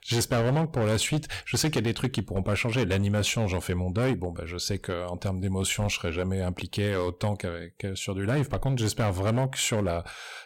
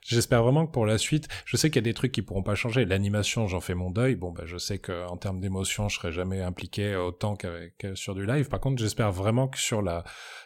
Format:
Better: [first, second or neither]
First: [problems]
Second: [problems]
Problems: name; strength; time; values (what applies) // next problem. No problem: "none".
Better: second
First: distortion; slight; 10% of the sound clipped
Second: none